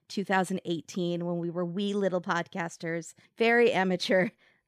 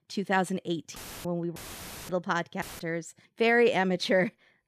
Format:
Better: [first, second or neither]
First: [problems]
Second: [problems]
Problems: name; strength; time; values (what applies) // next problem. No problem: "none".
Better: first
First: none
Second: audio cutting out; filled with static; at 1 s, at 1.5 s for 0.5 s and at 2.5 s